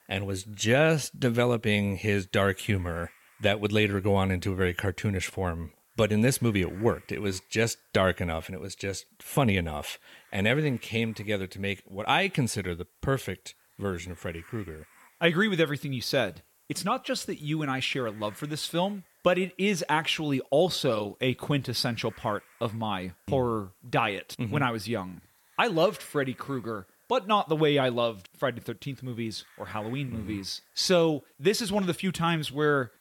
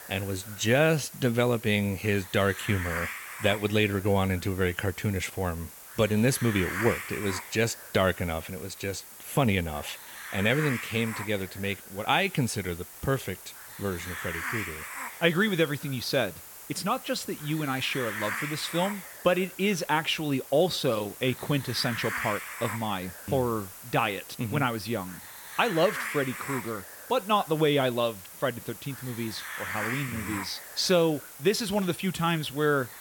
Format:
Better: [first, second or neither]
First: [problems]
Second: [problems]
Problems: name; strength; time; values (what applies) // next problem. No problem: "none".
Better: first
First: hiss; faint; throughout; 30 dB below the speech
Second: hiss; loud; throughout; 10 dB below the speech